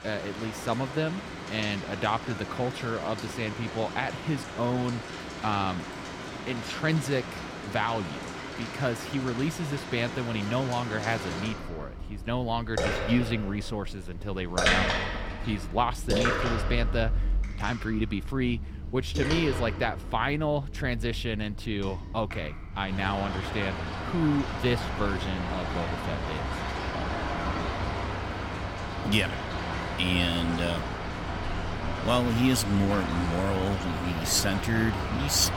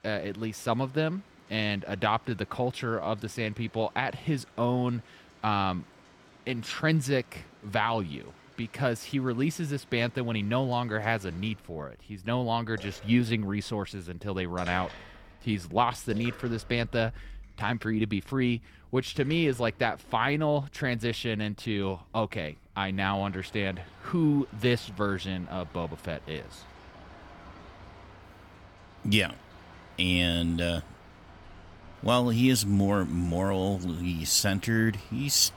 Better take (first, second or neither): second